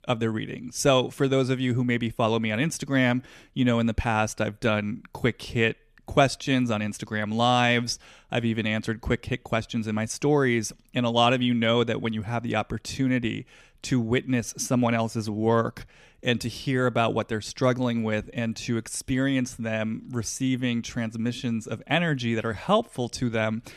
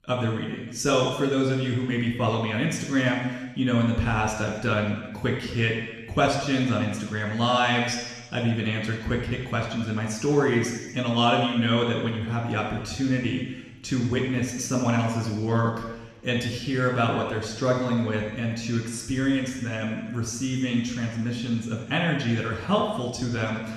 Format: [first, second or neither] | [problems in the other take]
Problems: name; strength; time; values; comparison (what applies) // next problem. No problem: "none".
first | room echo; noticeable; dies away in 1.1 s // off-mic speech; somewhat distant